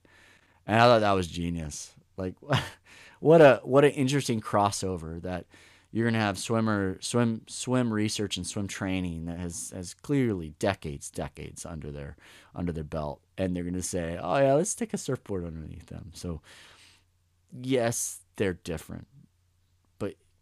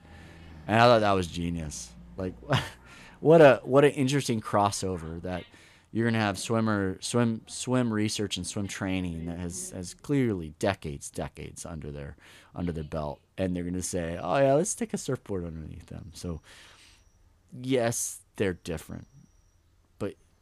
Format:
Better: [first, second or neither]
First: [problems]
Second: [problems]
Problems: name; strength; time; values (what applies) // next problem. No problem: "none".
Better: first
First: none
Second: animal sounds; faint; throughout; 30 dB below the speech